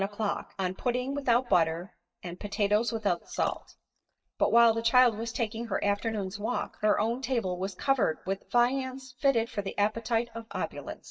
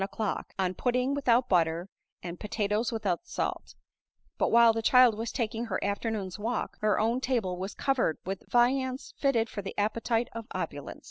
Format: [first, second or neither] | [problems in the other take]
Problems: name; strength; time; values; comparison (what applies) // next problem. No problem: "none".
second | noise reduction (neural mask model DeepFilterNet 3)